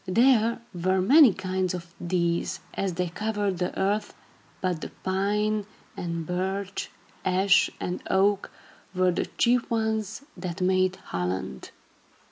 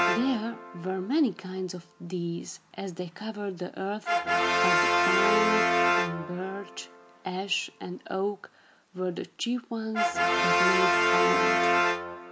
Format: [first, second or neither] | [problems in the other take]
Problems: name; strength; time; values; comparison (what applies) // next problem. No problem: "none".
first | background sound (Brass instrument); 5 dB above the speech